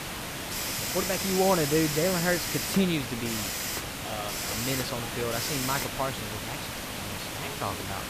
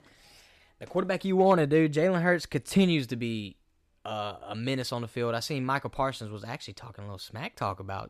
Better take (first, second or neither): second